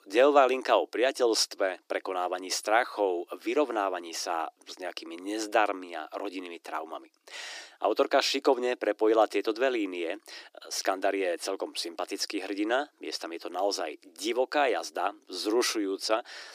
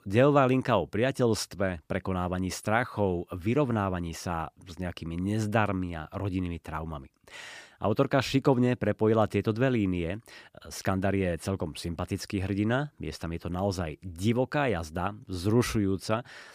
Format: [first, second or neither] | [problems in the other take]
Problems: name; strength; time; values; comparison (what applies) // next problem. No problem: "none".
second | thin; very; fading below 300 Hz